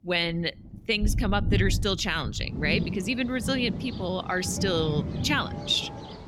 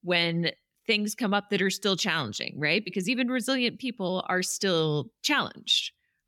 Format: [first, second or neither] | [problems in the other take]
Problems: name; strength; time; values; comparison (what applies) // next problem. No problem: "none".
second | rain or running water; loud; throughout; 4 dB below the speech